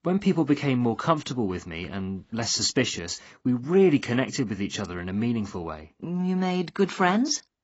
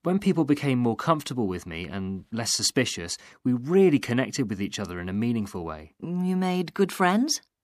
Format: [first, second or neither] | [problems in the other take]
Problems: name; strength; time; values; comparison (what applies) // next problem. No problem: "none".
second | garbled, watery; badly; nothing above 7.5 kHz